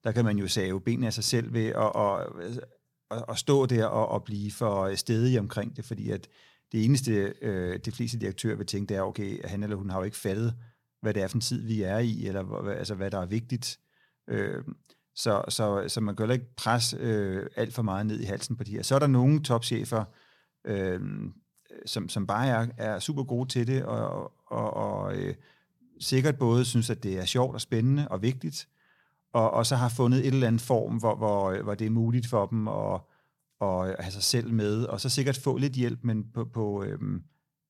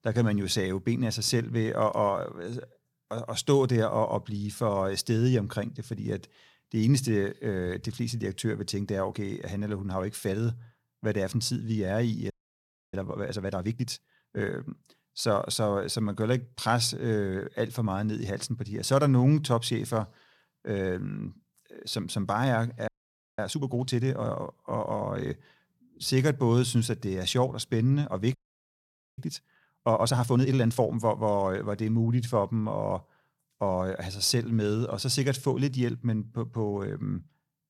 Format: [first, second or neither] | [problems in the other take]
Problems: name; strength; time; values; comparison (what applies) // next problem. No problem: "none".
first | audio freezing; at 12 s for 0.5 s, at 23 s for 0.5 s and at 28 s for 1 s